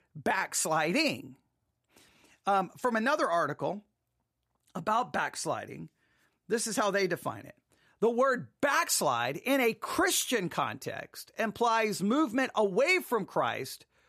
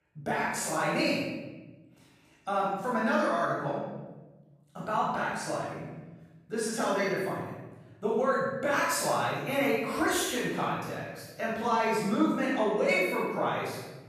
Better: first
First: none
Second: room echo; strong; dies away in 1.2 s // off-mic speech; far

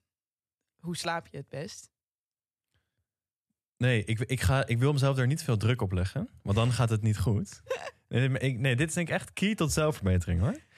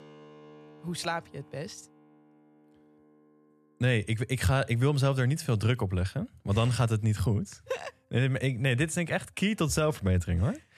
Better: first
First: none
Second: background music; faint; throughout; 30 dB below the speech

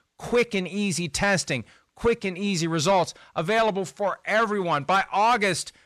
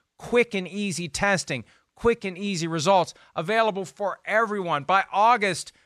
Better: second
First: distortion; slight; 10 dB below the speech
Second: none

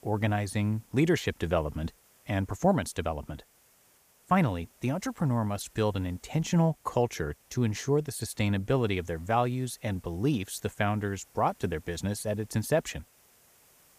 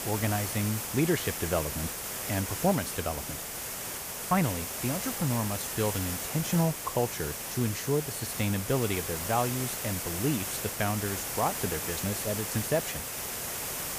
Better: first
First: hiss; faint; throughout; 30 dB below the speech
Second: hiss; loud; throughout; 2 dB below the speech

